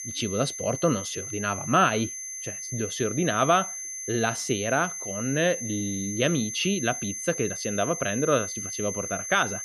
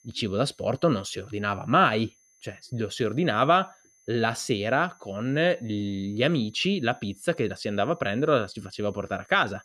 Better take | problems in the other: second | high-pitched whine; loud; throughout; 6.5 kHz, 5 dB below the speech; faint in the second

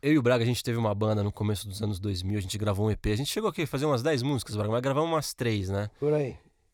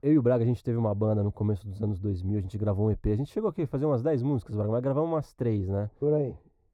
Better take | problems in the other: first | muffled; very; fading above 1.5 kHz

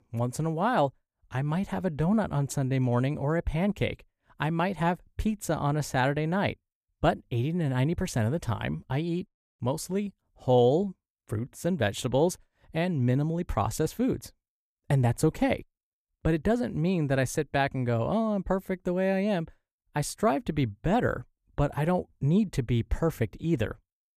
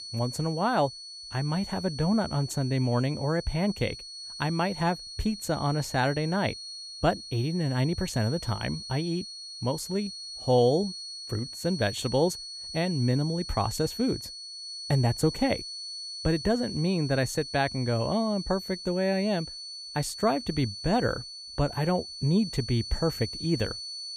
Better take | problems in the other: first | high-pitched whine; loud; throughout; 4.5 kHz, 9 dB below the speech

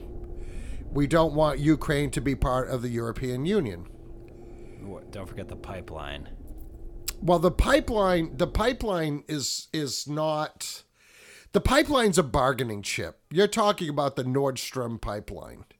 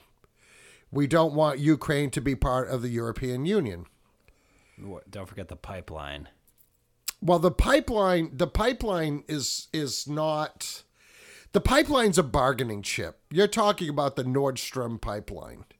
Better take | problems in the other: second | low rumble; faint; until 9 s; 25 dB below the speech

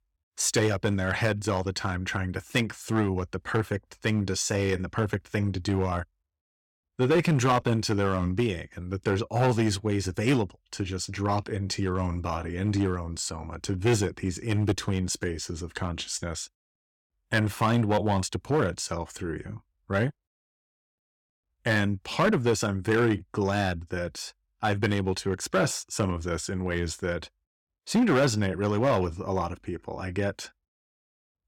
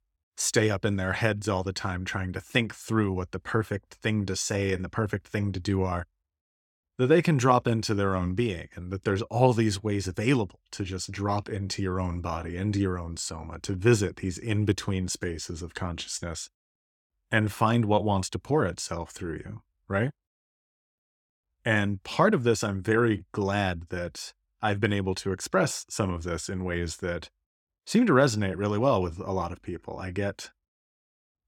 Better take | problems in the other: second | distortion; slight; 3% of the sound clipped

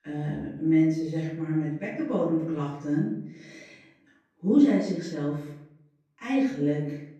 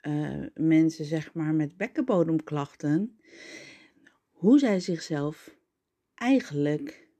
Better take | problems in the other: second | off-mic speech; far // room echo; noticeable; dies away in 0.6 s

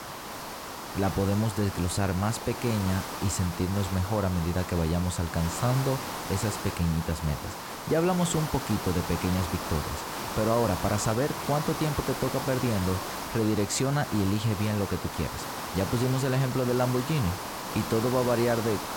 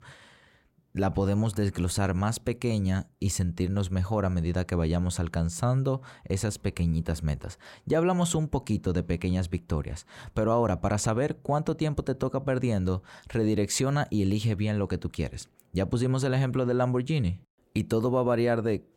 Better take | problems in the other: second | hiss; loud; throughout; 6 dB below the speech

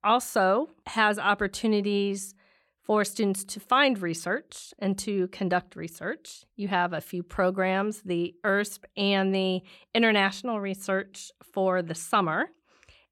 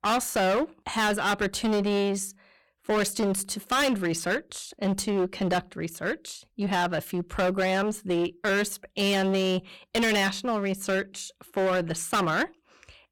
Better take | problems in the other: first | distortion; heavy; 17% of the sound clipped

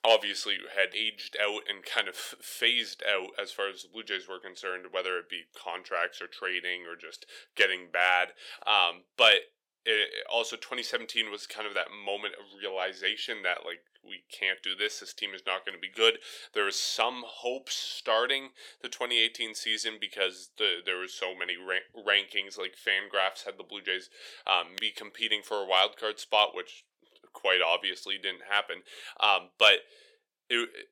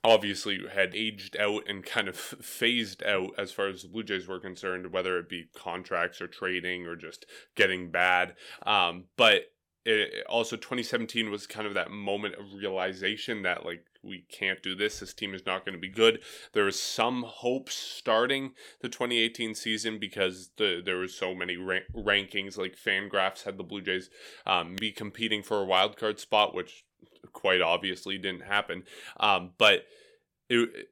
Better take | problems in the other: second | thin; somewhat; fading below 550 Hz

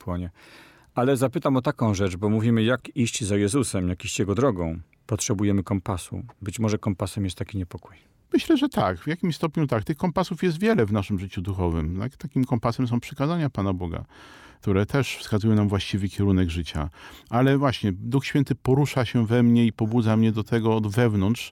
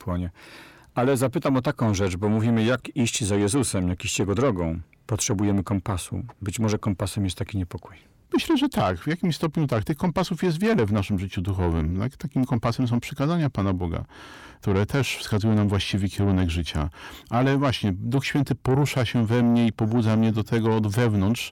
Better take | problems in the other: first | distortion; slight; 10 dB below the speech

